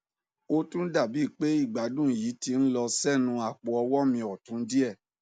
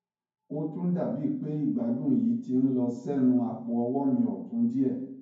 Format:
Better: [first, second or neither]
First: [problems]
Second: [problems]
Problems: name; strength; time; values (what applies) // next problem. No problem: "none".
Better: first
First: none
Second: room echo; dies away in 0.9 s